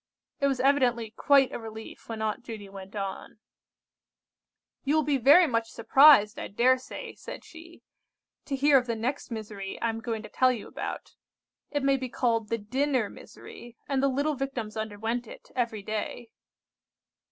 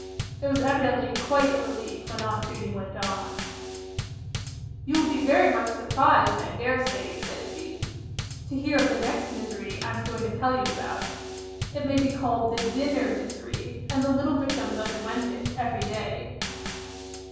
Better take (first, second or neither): first